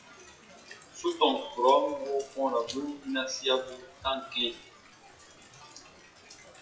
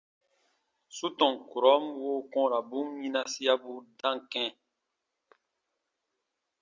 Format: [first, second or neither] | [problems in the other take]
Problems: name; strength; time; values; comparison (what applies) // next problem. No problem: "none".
second | noise reduction (classical method WPE with log-MMSE)